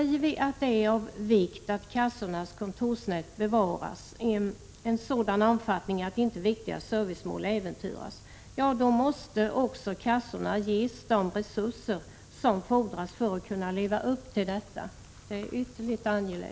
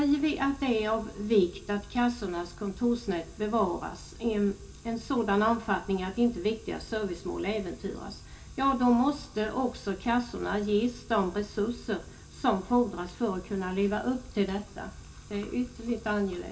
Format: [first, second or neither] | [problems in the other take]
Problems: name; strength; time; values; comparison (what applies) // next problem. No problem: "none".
first | room echo; dies away in 0.2 s